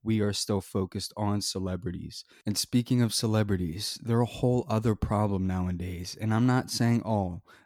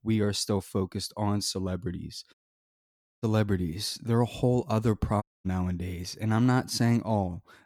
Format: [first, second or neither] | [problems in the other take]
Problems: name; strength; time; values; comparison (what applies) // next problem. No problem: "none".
first | audio cutting out; at 2.5 s for 1 s and at 5 s